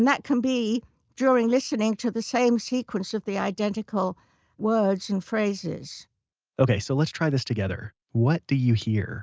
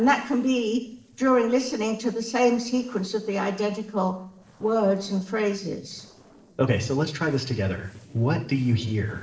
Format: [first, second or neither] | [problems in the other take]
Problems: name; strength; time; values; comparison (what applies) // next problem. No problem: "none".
first | noise reduction (neural separator model SepFormer DNS4)